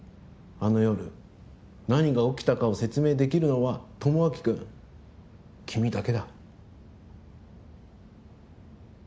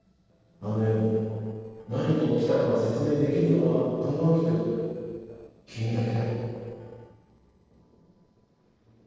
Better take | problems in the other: first | noise reduction (neural separator model SepFormer DNS4)

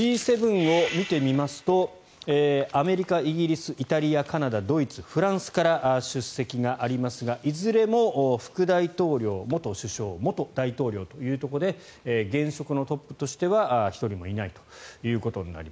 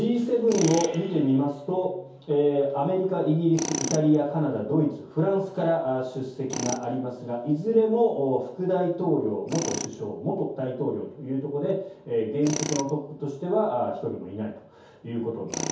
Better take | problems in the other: first | background sound (Tools); 13 dB below the speech // room echo; dies away in 0.6 s

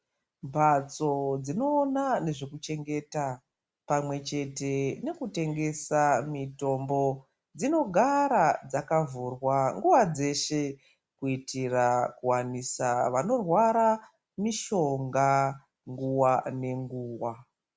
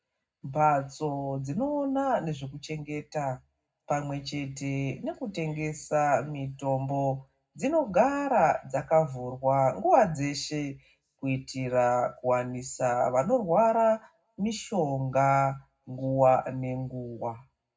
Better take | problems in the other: first | room echo; dies away in 0.3 s

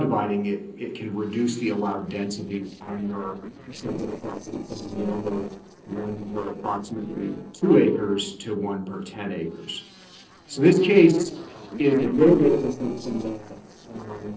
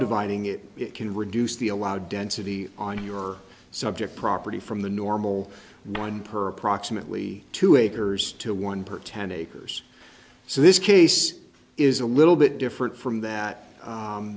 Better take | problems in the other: second | noise reduction (neural separator model SepFormer DNS4)

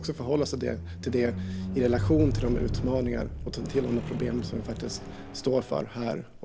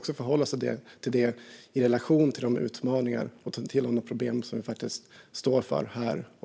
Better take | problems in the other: second | background sound (Squeak); 5 dB below the speech

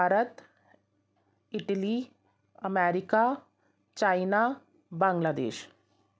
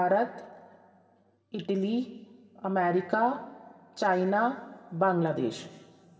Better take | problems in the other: first | room echo; dies away in 2.4 s

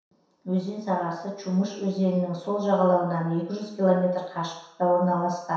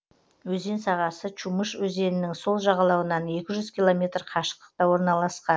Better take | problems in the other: second | room echo; dies away in 0.7 s

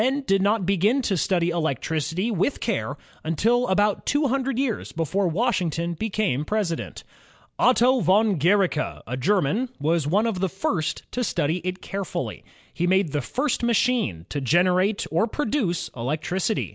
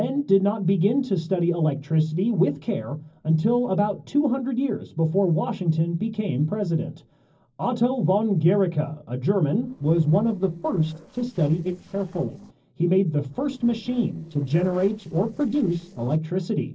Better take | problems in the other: first | noise reduction (neural separator model SepFormer DNS4)

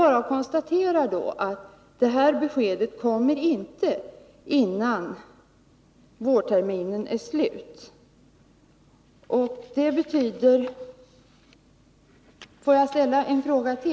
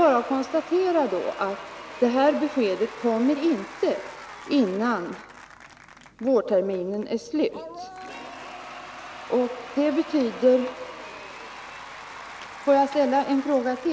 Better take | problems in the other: first | background sound (Applause / Crowd / Cheering); 15 dB below the speech

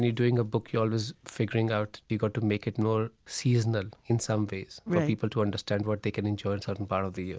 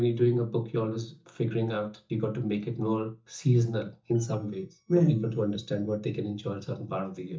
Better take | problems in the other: first | noise reduction (neural mask model DeepFilterNet 3)

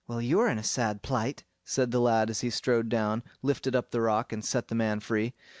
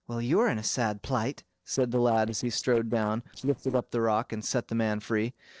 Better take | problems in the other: first | noise reduction (neural separator model SepFormer DNS4)

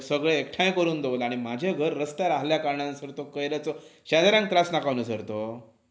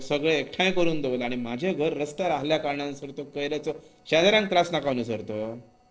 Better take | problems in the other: first | noise reduction (neural separator model SepFormer DNS4)

